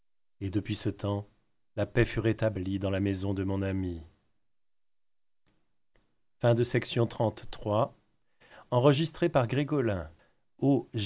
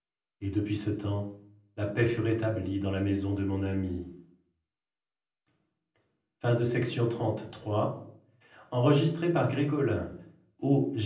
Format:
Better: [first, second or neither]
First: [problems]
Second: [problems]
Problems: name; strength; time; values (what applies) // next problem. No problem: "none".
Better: first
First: none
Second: room echo; dies away in 0.6 s